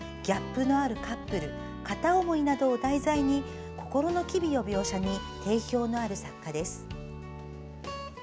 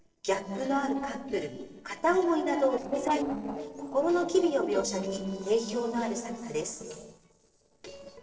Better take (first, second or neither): first